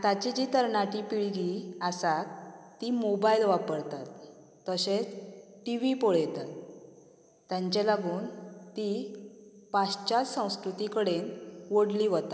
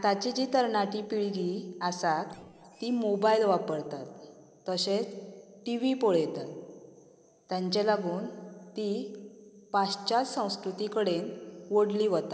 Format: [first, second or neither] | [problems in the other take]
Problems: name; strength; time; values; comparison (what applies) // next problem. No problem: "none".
first | noise reduction (neural separator model SepFormer DNS4)